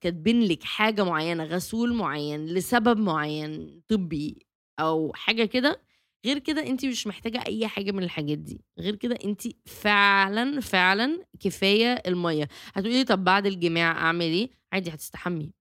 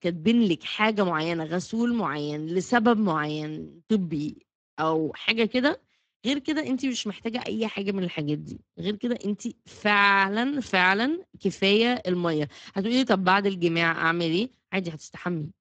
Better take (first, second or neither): first